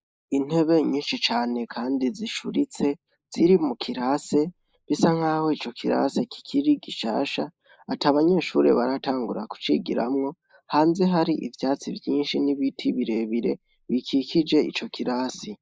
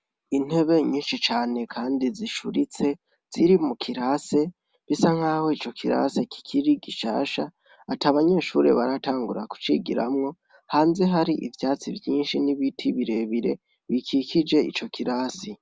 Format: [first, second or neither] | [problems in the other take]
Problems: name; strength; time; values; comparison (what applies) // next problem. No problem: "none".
second | noise reduction (neural mask model Resemble Enhance denoiser)